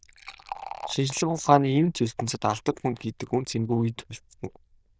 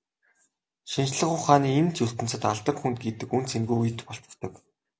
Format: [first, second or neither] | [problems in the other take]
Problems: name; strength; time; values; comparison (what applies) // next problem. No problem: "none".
second | noise reduction (neural diffusion model UNIVERSE++)